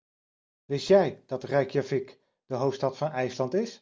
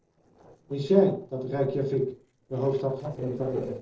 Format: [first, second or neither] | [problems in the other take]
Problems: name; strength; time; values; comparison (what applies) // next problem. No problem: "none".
first | noise reduction (neural separator model SepFormer DNS4)